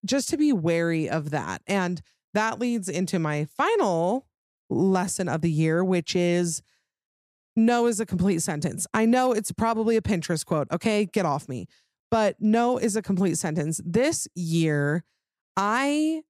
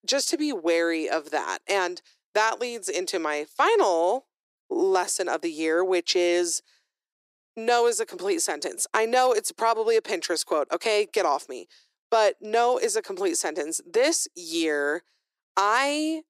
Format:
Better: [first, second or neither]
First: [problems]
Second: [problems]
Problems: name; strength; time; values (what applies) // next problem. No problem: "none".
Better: first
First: none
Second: thin; very; fading below 350 Hz